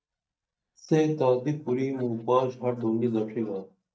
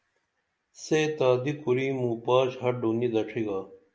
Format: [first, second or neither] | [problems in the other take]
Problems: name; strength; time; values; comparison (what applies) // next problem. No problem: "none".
second | noise reduction (neural mask model DeepFilterNet 3)